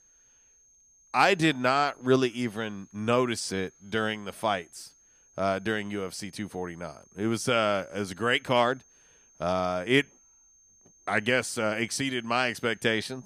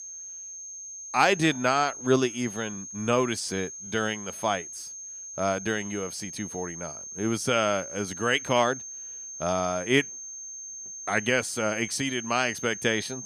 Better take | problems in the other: first | high-pitched whine; loud; throughout; 6.5 kHz, 10 dB below the speech; faint in the first

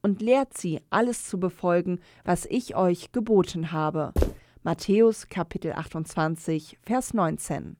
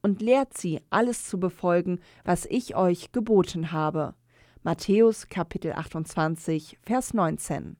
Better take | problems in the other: second | footsteps; noticeable; at 4 s; peak 2 dB below the speech

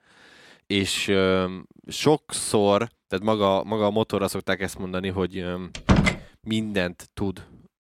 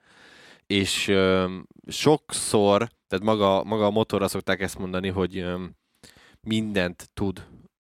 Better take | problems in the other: second | door banging; loud; at 6 s; peak 4 dB above the speech

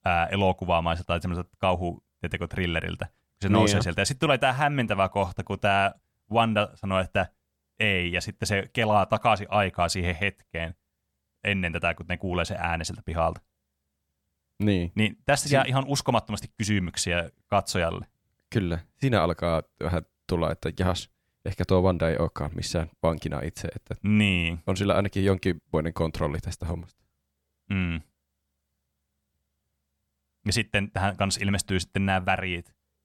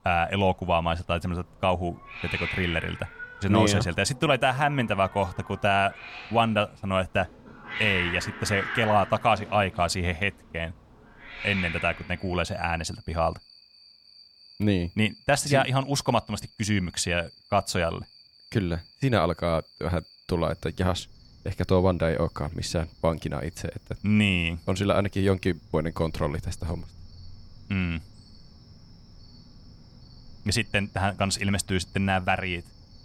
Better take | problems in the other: first | animal sounds; noticeable; throughout; 15 dB below the speech

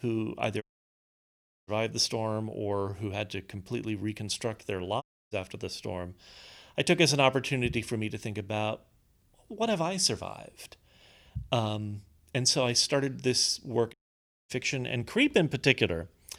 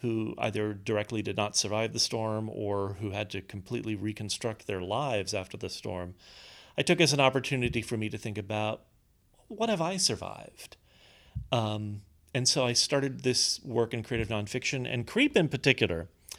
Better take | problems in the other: second | audio cutting out; at 0.5 s for 1 s, at 5 s and at 14 s for 0.5 s

